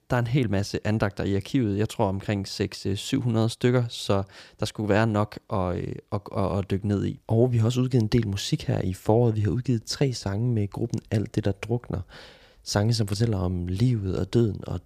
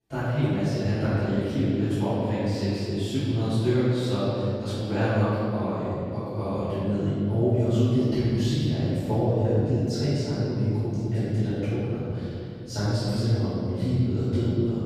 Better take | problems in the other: first | room echo; strong; dies away in 2.7 s // off-mic speech; far

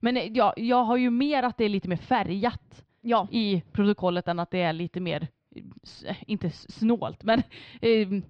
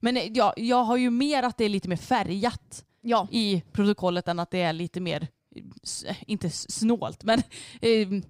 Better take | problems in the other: second | muffled; very slightly; fading above 3.5 kHz

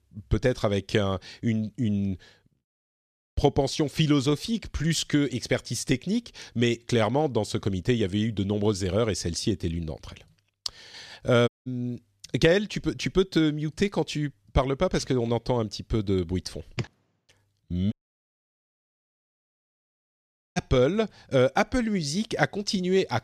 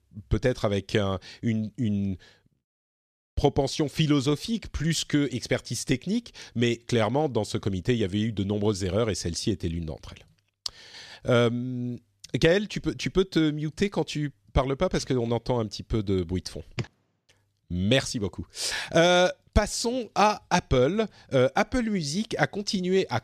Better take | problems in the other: second | audio cutting out; at 11 s and at 18 s for 2.5 s

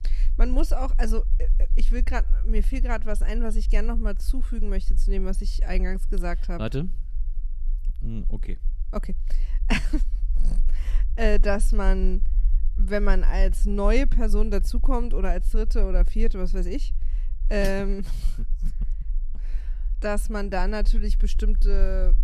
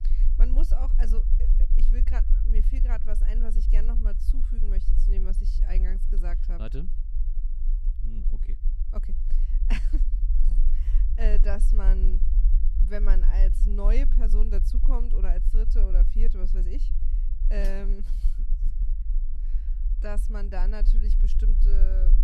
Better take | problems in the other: first | low rumble; loud; throughout; 10 dB below the speech; faint in the first

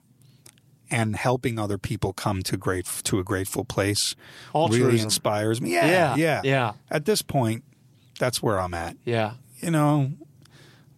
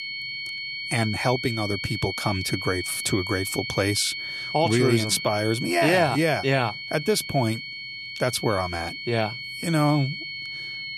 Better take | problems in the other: first | high-pitched whine; loud; throughout; 2 kHz, 6 dB below the speech

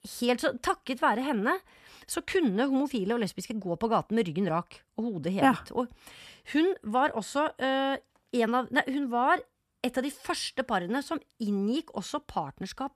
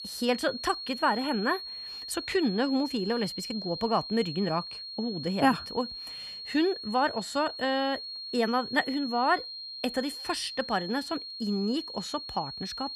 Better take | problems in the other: first | high-pitched whine; loud; throughout; 4.5 kHz, 7 dB below the speech

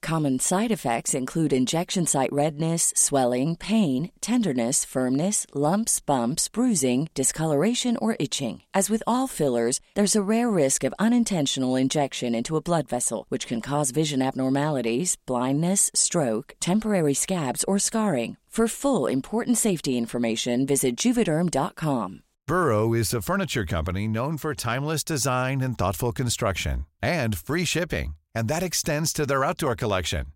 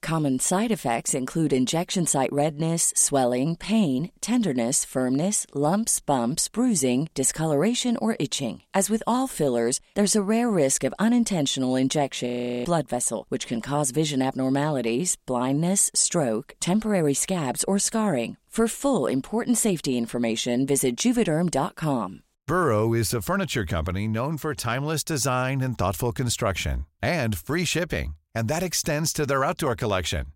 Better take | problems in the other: first | audio freezing; at 12 s

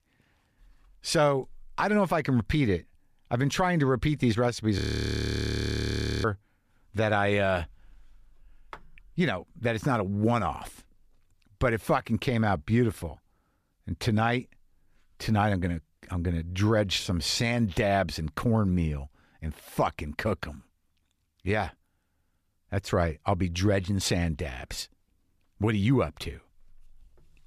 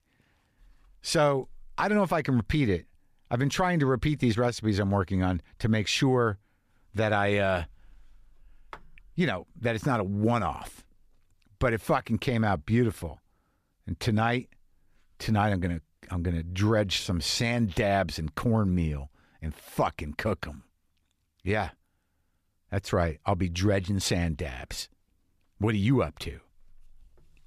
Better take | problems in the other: second | audio freezing; at 5 s for 1.5 s

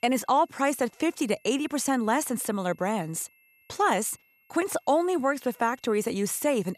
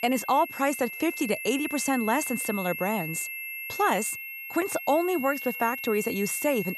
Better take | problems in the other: first | high-pitched whine; loud; throughout; 2.5 kHz, 7 dB below the speech; faint in the first

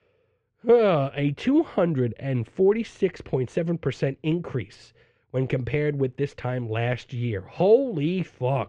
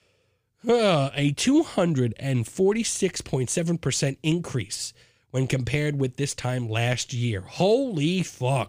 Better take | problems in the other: second | muffled; very; fading above 2 kHz

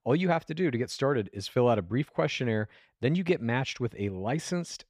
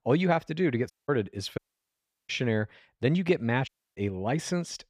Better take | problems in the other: first | audio cutting out; at 1 s, at 1.5 s for 0.5 s and at 3.5 s

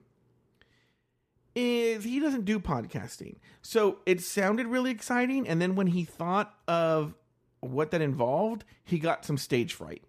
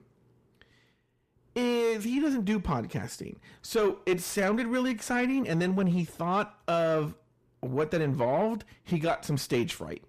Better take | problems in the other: first | distortion; slight; 10 dB below the speech

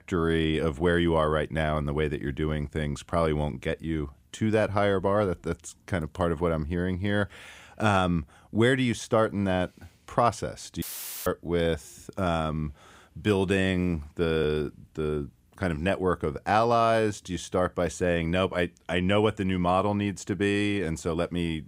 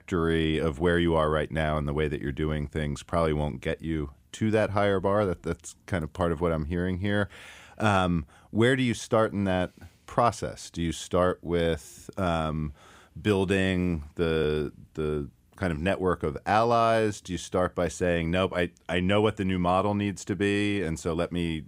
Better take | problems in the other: second | audio cutting out; filled with static; at 11 s

